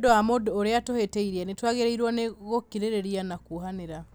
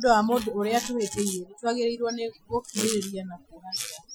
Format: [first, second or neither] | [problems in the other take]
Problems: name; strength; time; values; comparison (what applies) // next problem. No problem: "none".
first | noise reduction (classical method Wiener filter)